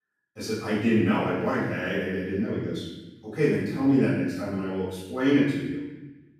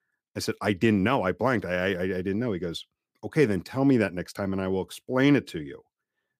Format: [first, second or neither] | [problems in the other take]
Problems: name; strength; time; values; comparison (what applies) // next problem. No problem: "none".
second | room echo; strong; dies away in 1 s // off-mic speech; far